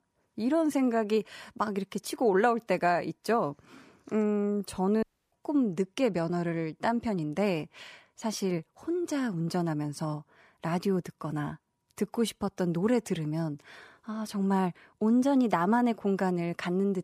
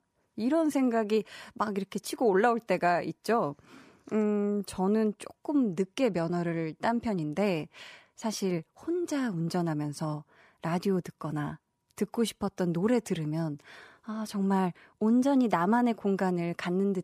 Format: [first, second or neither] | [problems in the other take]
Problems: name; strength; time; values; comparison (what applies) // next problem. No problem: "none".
second | audio cutting out; at 5 s